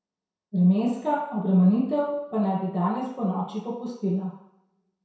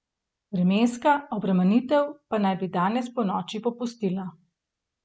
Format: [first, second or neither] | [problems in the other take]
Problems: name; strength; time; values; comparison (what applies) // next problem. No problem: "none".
second | room echo; dies away in 0.7 s